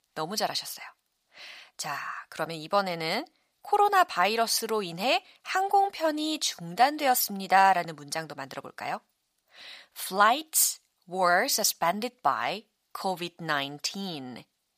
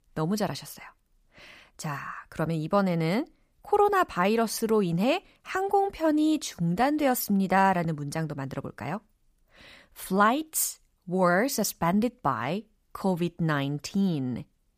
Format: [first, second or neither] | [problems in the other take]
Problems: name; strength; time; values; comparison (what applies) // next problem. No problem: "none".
second | thin; somewhat; fading below 1 kHz